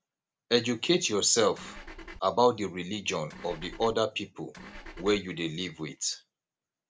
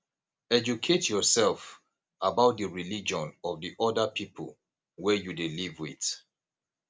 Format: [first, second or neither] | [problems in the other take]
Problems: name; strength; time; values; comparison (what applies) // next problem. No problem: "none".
second | background sound (Engine / Car); 14 dB below the speech